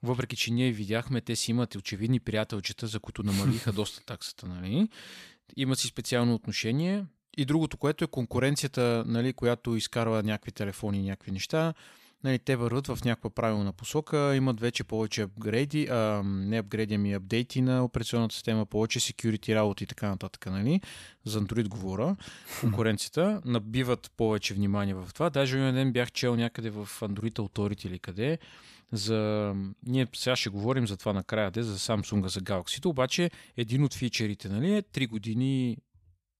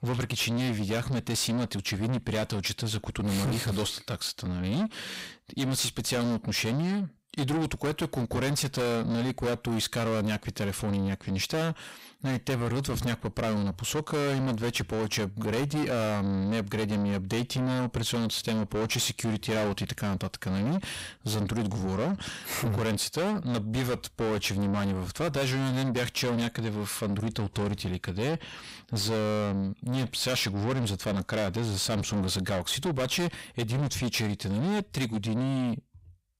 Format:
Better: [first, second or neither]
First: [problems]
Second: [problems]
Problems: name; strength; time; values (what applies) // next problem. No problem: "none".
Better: first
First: none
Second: distortion; heavy; 5 dB below the speech